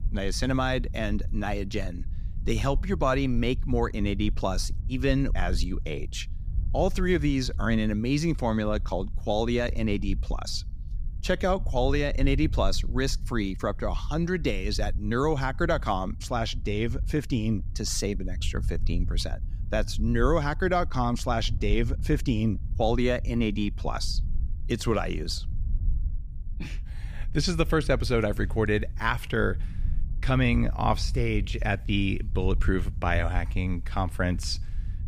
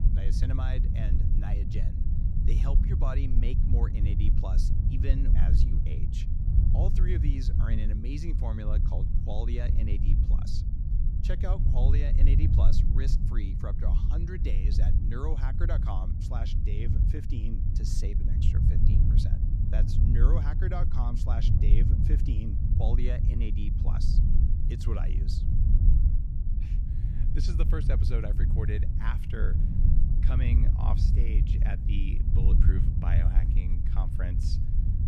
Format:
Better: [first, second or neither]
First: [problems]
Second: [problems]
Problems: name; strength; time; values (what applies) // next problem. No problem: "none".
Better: first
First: low rumble; faint; throughout; 25 dB below the speech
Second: low rumble; loud; throughout; 1 dB below the speech